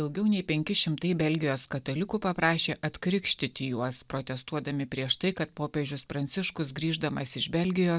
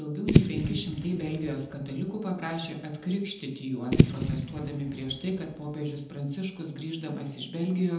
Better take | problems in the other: first | background sound (Fireworks / Boom); 2 dB above the speech // room echo; dies away in 0.8 s

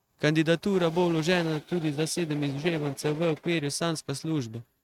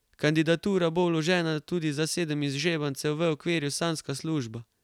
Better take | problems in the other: second | noise reduction (neural mask model RNNoise)

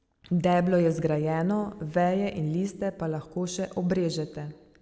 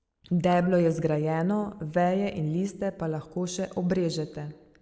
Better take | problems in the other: first | noise reduction (neural mask model Resemble Enhance denoiser)

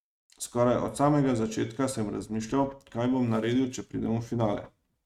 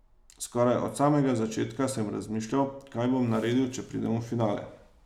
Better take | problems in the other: second | noise reduction (neural mask model RNNoise)

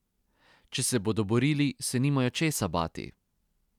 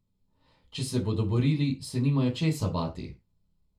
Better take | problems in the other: first | room echo; dies away in 0.2 s

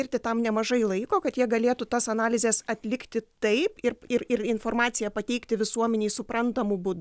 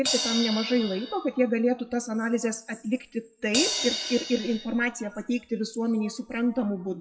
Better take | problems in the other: first | noise reduction (classical method WPE with log-MMSE)

